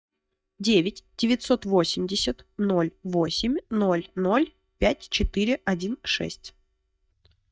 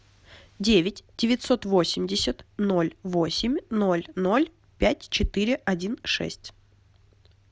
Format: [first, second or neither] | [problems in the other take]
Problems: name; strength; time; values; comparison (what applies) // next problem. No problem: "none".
second | noise reduction (neural mask model DeepFilterNet 3)